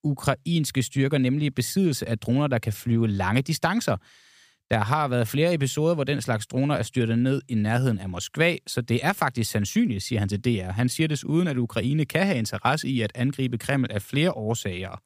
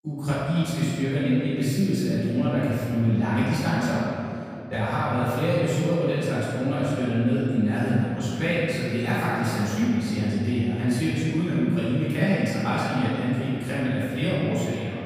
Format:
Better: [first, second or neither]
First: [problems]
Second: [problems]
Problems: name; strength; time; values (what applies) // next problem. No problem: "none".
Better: first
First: none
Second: room echo; strong; dies away in 2.8 s // off-mic speech; far